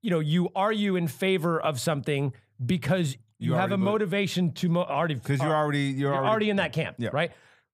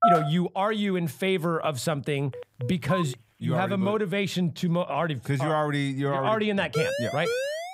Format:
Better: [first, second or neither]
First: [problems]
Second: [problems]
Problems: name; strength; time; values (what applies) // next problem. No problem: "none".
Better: first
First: none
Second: phone ringing; loud; at the start; peak 5 dB above the speech // phone ringing; noticeable; at 2.5 s; peak 8 dB below the speech // siren; noticeable; from 6.5 s on; peak 2 dB below the speech